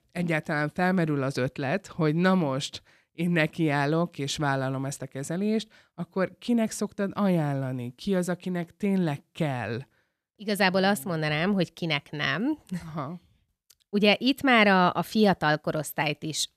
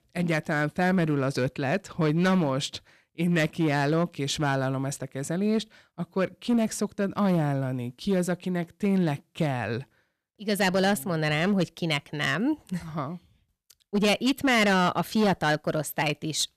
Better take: first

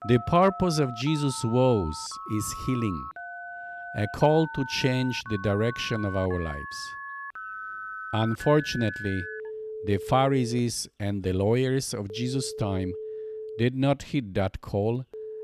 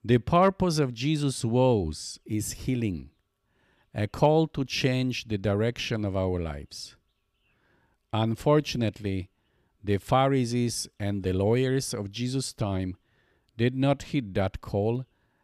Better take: second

